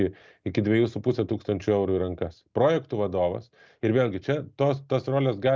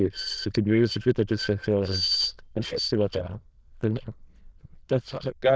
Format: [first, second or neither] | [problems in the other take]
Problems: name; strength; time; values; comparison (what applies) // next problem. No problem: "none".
first | noise reduction (neural diffusion model UNIVERSE++)